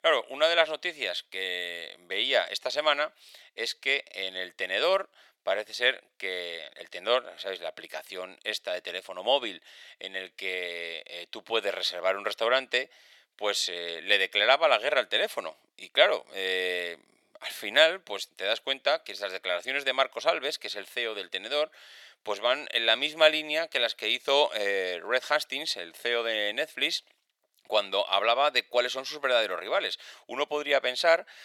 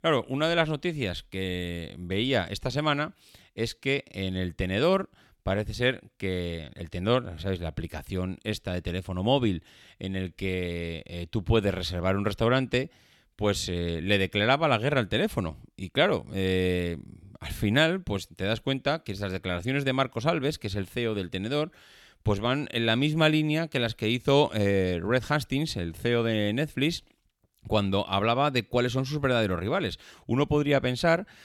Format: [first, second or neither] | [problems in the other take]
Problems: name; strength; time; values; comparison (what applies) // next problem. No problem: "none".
second | thin; very; fading below 550 Hz